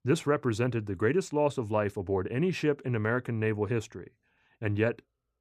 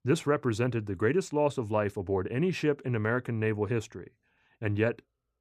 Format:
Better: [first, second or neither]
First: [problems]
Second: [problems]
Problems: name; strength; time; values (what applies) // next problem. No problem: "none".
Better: neither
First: none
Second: none